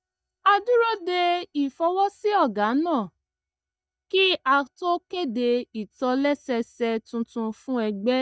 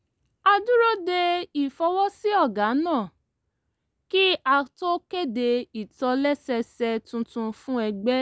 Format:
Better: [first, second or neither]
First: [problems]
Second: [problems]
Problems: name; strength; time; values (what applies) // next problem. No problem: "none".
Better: second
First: noise reduction (neural mask model DeepFilterNet 3)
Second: none